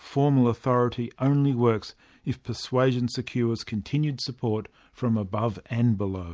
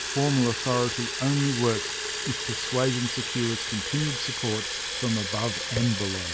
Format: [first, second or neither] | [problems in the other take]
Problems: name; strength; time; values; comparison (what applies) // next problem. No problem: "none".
first | background sound (Fill (with liquid) / Water tap, faucet); 3 dB below the speech